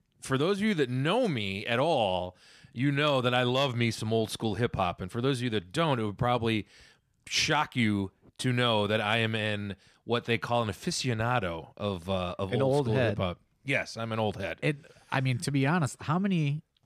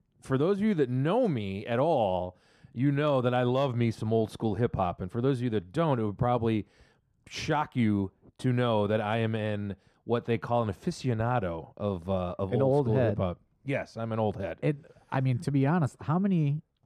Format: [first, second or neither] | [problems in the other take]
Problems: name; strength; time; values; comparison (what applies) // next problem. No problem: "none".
first | muffled; slightly; fading above 1.5 kHz